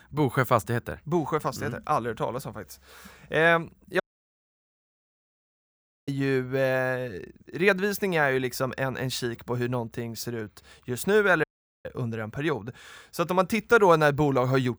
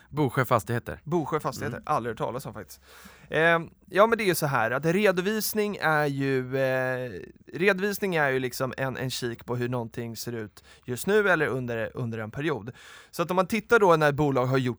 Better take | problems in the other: second | audio cutting out; at 4 s for 2 s and at 11 s

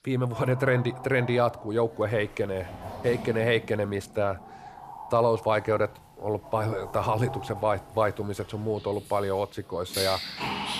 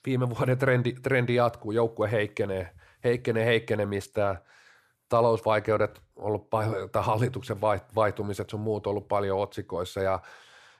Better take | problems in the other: second | animal sounds; noticeable; throughout; 10 dB below the speech

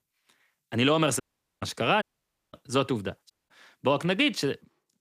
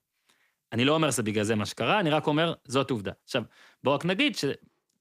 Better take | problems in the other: second | audio cutting out; at 1 s, at 2 s for 0.5 s and at 3.5 s

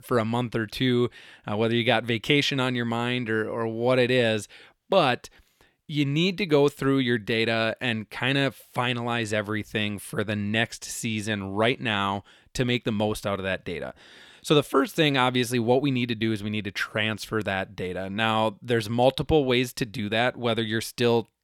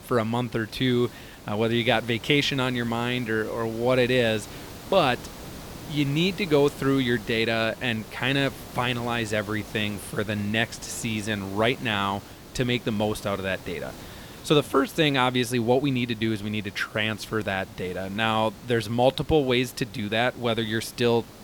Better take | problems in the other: first | hiss; noticeable; throughout; 15 dB below the speech

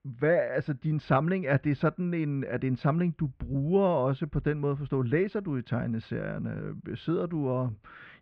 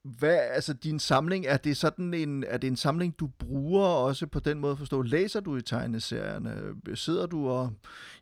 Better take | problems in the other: second | muffled; very; fading above 2.5 kHz

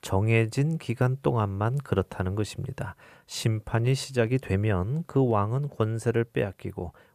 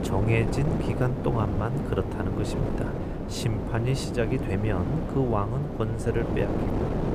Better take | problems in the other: first | wind noise on the microphone; heavy; 2 dB below the speech

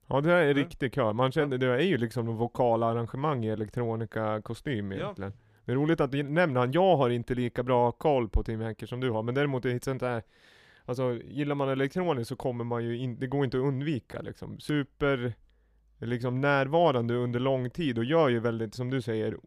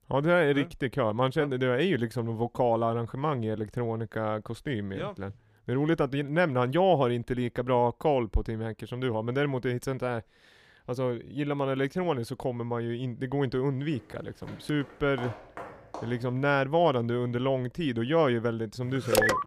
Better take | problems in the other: first | footsteps; faint; from 14 to 16 s; peak 15 dB below the speech // phone ringing; very faint; at 19 s; peak 4 dB above the speech

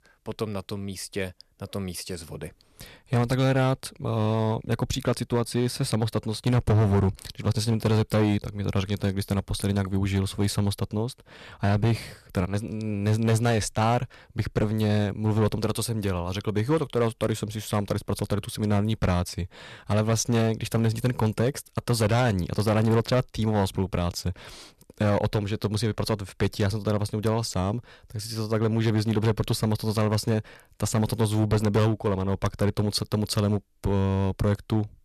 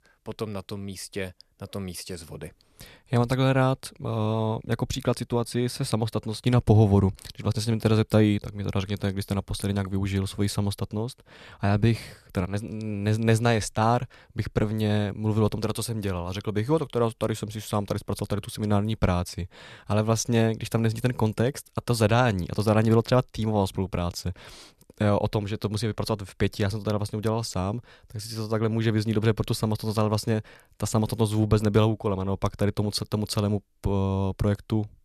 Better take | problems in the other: second | distortion; slight; 6% of the sound clipped

